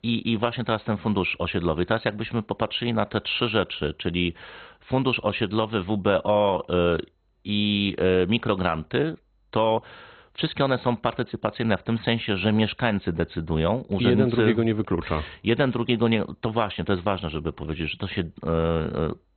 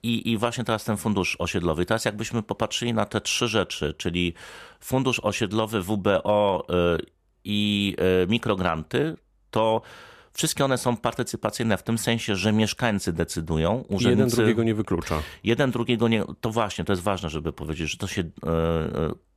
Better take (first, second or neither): second